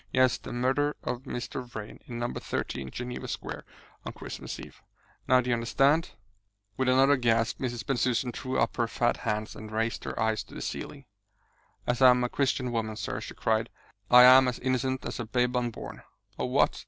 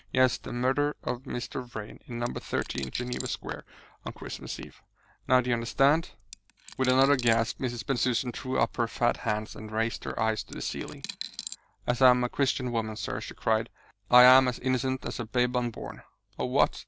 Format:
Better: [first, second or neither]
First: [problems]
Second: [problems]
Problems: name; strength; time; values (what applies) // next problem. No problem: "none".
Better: first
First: none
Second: background sound (Coin (dropping)); 13 dB below the speech